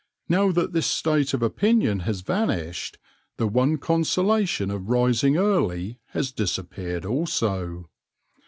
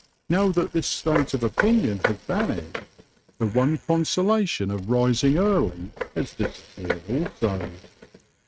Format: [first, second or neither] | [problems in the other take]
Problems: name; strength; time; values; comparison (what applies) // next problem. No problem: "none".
first | noise reduction (neural mask model RNNoise)